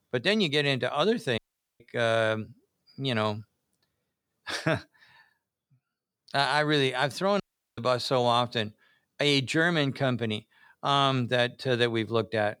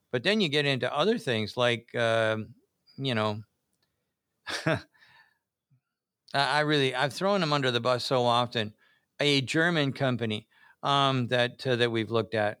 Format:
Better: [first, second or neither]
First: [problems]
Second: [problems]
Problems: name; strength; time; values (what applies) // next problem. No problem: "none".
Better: second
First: audio cutting out; at 1.5 s and at 7.5 s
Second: none